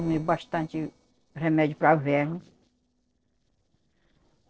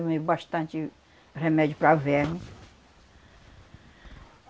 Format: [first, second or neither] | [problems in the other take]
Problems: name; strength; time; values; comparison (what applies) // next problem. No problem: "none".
second | noise reduction (neural separator model SepFormer DNS4)